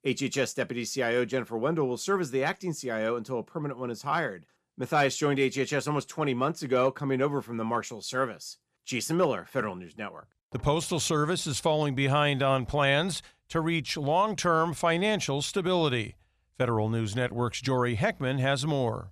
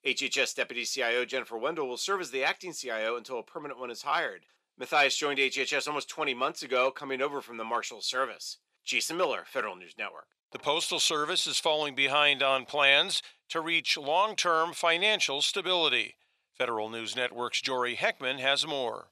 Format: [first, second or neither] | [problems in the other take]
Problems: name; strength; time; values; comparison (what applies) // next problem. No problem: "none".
first | thin; somewhat; fading below 450 Hz